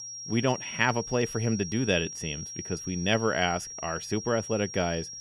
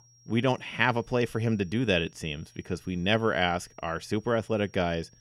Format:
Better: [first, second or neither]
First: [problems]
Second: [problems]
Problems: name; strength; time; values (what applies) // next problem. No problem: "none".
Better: second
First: high-pitched whine; loud; throughout; 5.5 kHz, 9 dB below the speech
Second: high-pitched whine; faint; throughout; 5.5 kHz, 30 dB below the speech